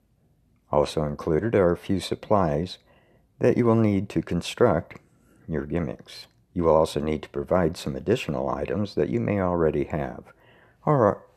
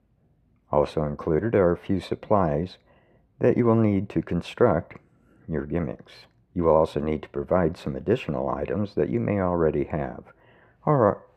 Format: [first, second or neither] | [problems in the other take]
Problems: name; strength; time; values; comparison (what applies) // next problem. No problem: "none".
first | muffled; slightly; fading above 3.5 kHz